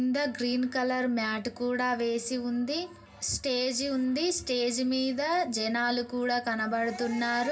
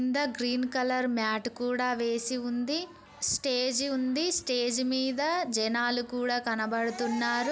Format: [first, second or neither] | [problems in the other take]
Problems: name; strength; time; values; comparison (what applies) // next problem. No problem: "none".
second | room echo; dies away in 0.4 s